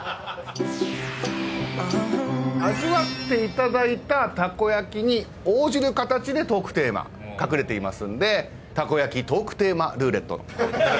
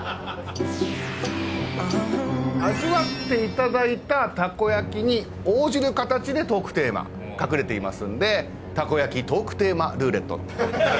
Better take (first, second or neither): first